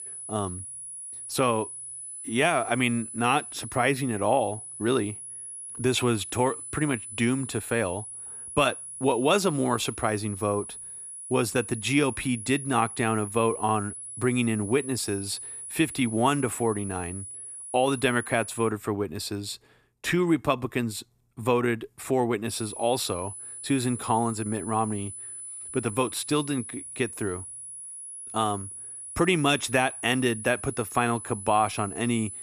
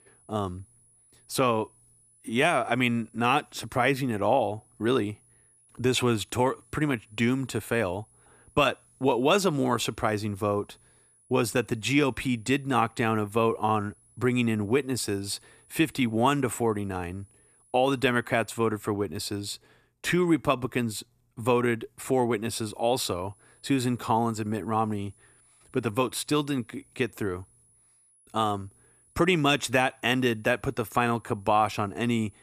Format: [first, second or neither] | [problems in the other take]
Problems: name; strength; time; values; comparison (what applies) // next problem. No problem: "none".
second | high-pitched whine; loud; until 19 s and from 22 s on; 10 kHz, 10 dB below the speech; faint in the second